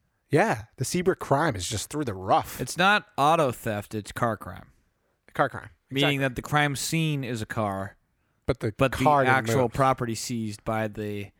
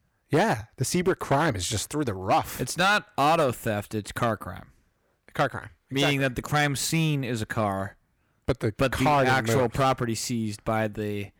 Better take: first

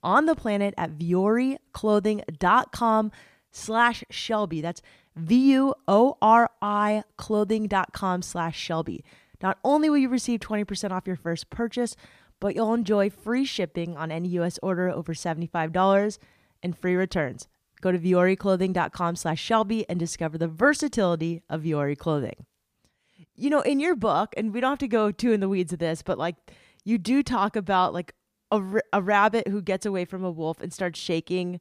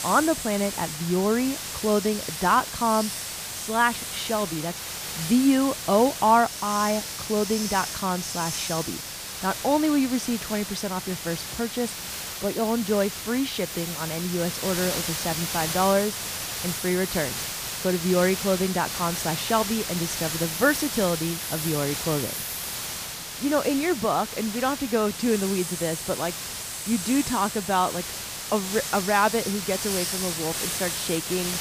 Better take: first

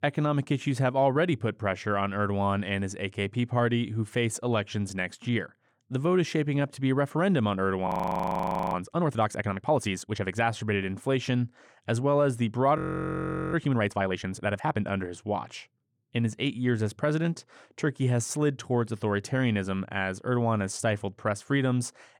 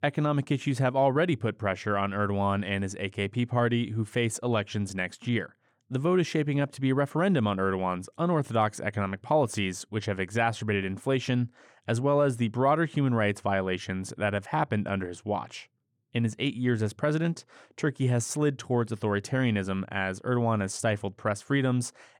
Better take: second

